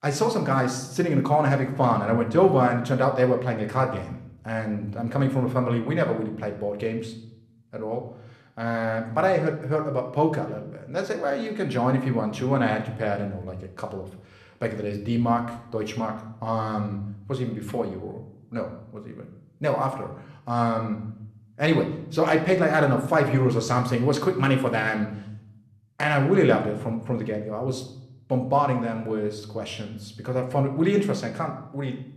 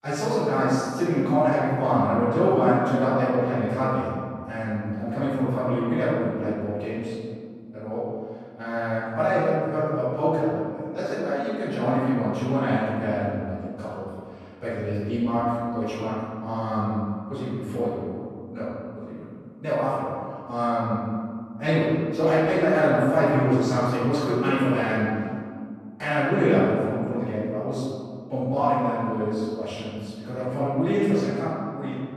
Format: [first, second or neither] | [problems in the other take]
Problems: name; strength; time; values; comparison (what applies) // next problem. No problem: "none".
first | room echo; strong; dies away in 2.1 s; slight in the first // off-mic speech; far